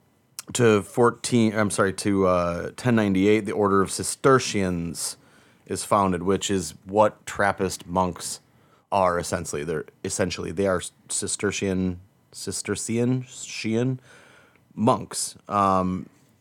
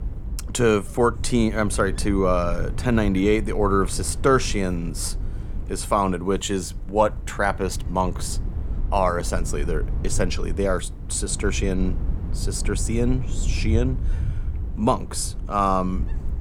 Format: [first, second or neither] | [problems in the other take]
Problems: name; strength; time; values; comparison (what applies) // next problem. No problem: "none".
first | wind noise on the microphone; occasional gusts; 20 dB below the speech